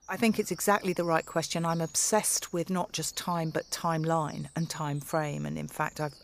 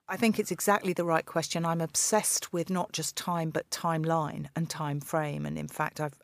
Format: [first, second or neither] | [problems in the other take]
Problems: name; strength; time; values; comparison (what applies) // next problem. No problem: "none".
second | animal sounds; faint; throughout; 20 dB below the speech